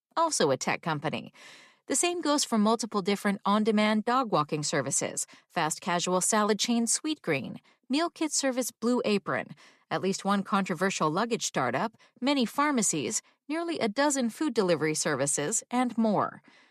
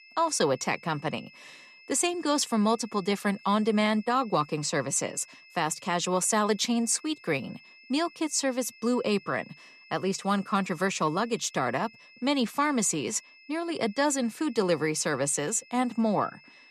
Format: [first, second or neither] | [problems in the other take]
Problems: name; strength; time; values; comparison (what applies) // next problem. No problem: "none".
first | high-pitched whine; faint; throughout; 2.5 kHz, 25 dB below the speech